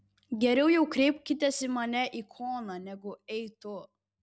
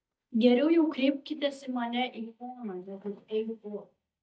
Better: first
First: none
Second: noise reduction (neural mask model DeepFilterNet 3)

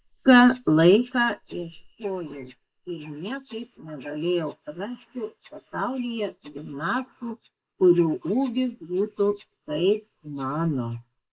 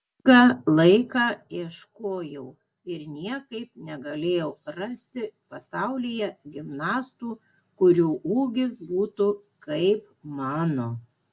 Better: second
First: noise reduction (neural mask model Resemble Enhance denoiser)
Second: none

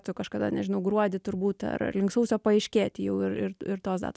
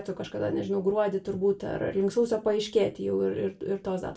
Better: first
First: none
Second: room echo; dies away in 0.2 s

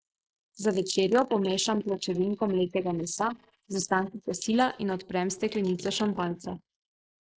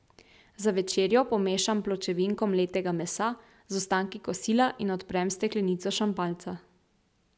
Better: second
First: noise reduction (neural mask model Resemble Enhance denoiser)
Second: none

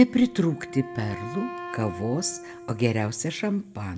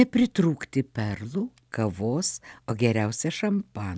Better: second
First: background sound (Wind instrument, woodwind instrument); 14 dB below the speech // room echo; dies away in 0.4 s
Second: none

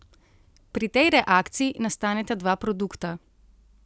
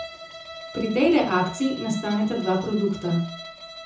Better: first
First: none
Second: background sound (Bowed string instrument); 14 dB below the speech // room echo; dies away in 0.5 s

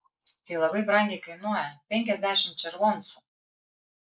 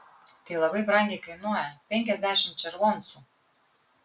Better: second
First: noise reduction (neural mask model Resemble Enhance denoiser)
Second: none

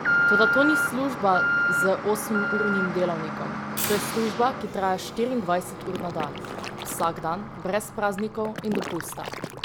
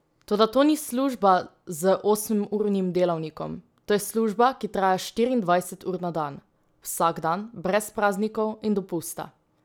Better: second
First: background sound (Alarm); 1 dB below the speech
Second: none

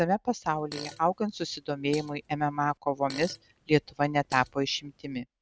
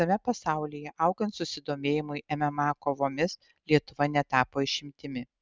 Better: second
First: background sound (Fart); 18 dB below the speech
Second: none

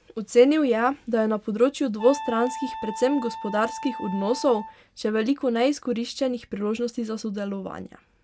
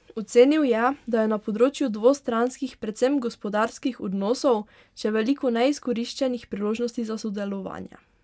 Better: second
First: background sound (Wind instrument, woodwind instrument); 12 dB below the speech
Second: none

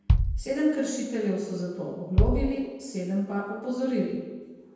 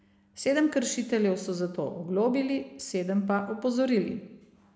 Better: second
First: background sound (Bass drum); as loud as the speech // room echo; dies away in 1.1 s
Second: none

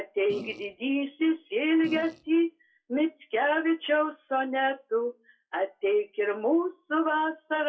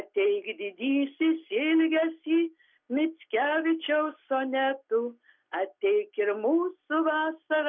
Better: second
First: noise reduction (classical method WPE with log-MMSE)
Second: none

